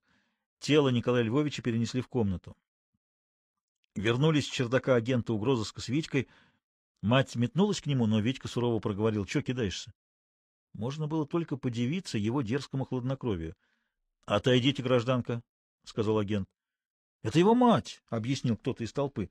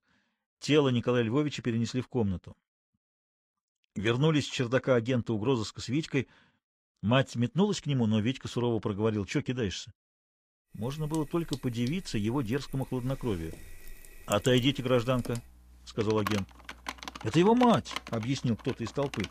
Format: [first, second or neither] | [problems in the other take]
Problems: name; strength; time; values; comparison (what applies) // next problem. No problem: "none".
first | household noises; noticeable; from 11 s on; 15 dB below the speech